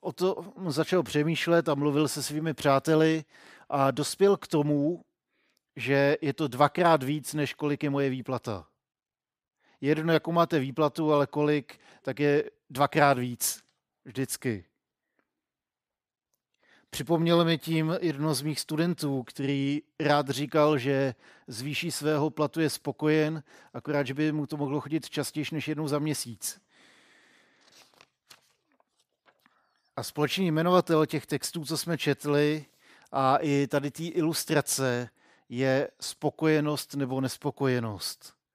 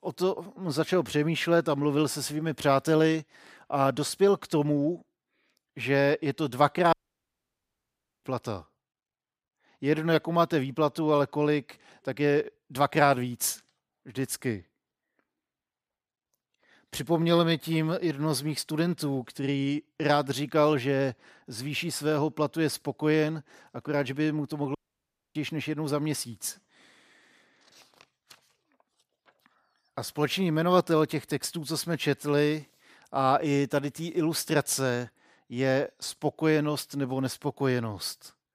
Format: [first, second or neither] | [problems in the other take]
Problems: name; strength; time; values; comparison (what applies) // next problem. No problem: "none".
first | audio cutting out; at 7 s for 1.5 s and at 25 s for 0.5 s